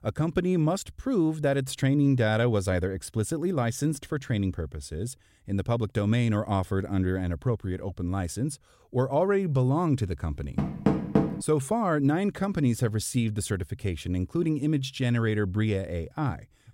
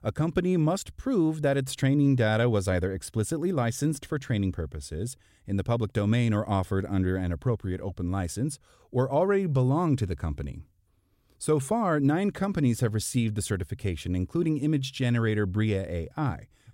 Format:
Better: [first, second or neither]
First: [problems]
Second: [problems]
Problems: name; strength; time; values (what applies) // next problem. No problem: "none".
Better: second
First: door banging; loud; at 11 s; peak 3 dB above the speech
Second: none